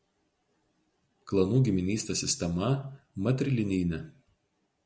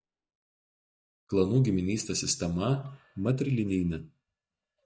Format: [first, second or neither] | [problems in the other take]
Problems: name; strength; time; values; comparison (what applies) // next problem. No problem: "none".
first | noise reduction (neural mask model DeepFilterNet 3)